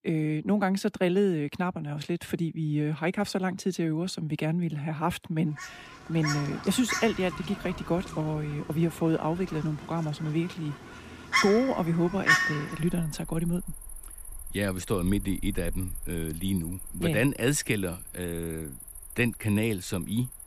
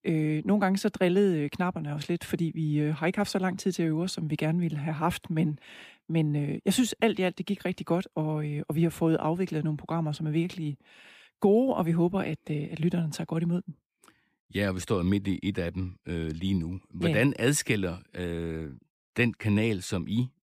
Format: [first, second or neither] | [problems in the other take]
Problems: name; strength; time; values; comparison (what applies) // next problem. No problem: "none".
second | animal sounds; loud; from 6 s on; 6 dB below the speech